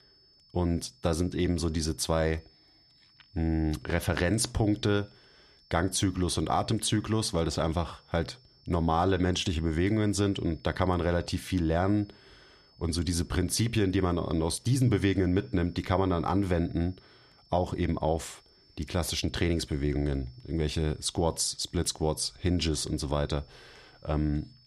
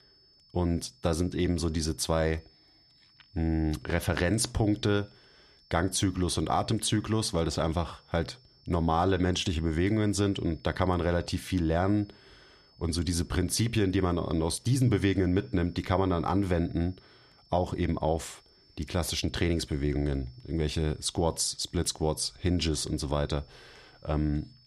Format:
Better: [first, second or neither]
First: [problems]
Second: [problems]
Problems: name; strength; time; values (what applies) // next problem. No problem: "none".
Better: neither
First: high-pitched whine; faint; throughout; 5.5 kHz, 30 dB below the speech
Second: high-pitched whine; faint; throughout; 5.5 kHz, 30 dB below the speech